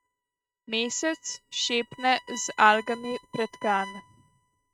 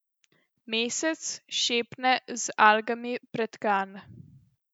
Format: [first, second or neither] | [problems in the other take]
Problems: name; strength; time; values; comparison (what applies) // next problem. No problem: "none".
second | noise reduction (neural mask model RNNoise)